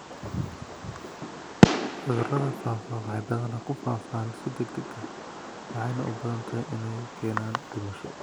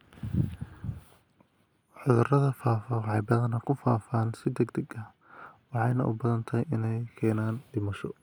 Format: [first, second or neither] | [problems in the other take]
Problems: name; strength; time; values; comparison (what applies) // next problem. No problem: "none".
second | background sound (Fireworks); 2 dB above the speech